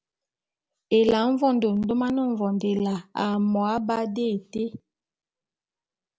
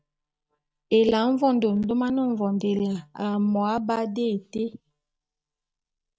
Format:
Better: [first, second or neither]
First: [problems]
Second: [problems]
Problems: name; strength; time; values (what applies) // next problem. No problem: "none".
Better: first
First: none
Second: noise reduction (neural mask model DeepFilterNet 3)